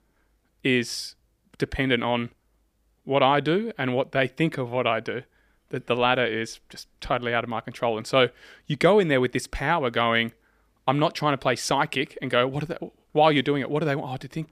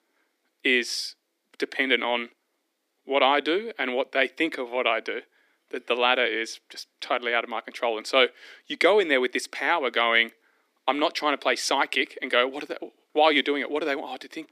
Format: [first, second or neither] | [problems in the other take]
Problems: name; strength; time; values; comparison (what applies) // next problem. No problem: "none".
first | thin; very slightly; fading below 250 Hz